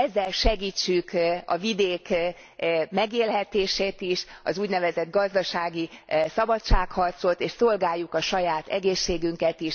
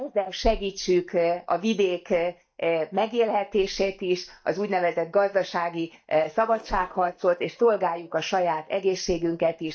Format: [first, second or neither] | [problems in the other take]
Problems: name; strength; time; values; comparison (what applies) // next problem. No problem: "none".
first | noise reduction (neural mask model DeepFilterNet 3)